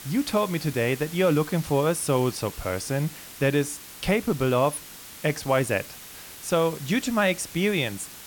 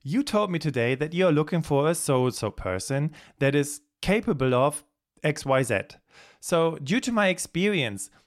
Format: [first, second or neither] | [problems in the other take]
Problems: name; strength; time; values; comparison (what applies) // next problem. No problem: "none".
second | hiss; noticeable; throughout; 15 dB below the speech